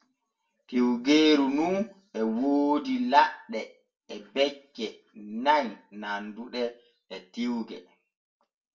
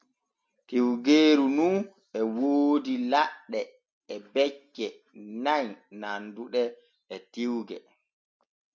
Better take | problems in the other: second | room echo; dies away in 0.2 s

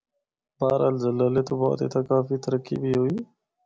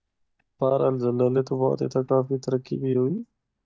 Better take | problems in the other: first | noise reduction (neural mask model DeepFilterNet 3)

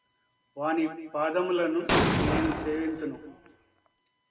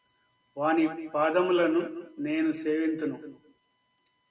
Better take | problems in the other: second | background sound (Explosion); 2 dB above the speech

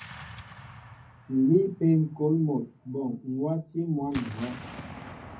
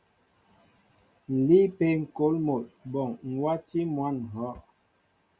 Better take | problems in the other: second | background sound (Explosion); 17 dB below the speech // room echo; dies away in 0.4 s

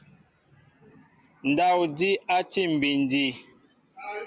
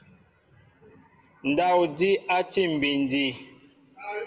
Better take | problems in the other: first | room echo; dies away in 0.8 s

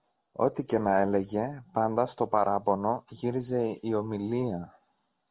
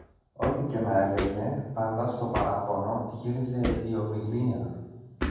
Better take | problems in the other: first | background sound (Hammer); 8 dB below the speech // room echo; dies away in 1.2 s

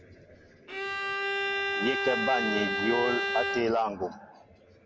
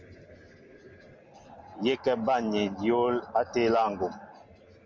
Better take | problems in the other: second | background sound (Bowed string instrument); 1 dB above the speech

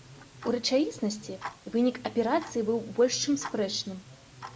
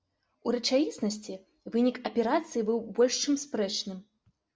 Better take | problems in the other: second | background sound (Tick-tock); 17 dB below the speech

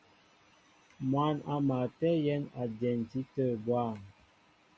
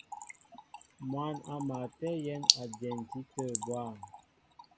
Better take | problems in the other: first | background sound (Trickle, dribble / Splash, splatter); 2 dB above the speech

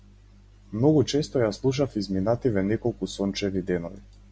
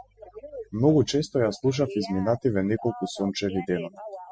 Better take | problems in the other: first | noise reduction (classical method spectral subtraction)

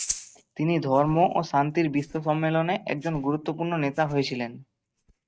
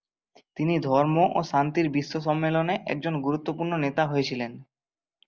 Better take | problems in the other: second | noise reduction (neural mask model RNNoise)

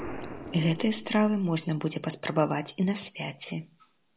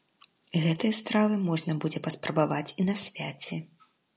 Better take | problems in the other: second | background sound (Explosion); 15 dB below the speech

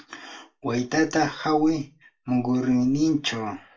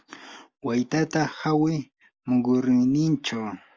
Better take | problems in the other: second | room echo; dies away in 0.2 s

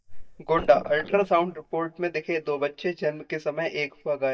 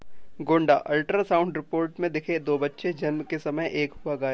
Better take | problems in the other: second | noise reduction (neural mask model DeepFilterNet 3)

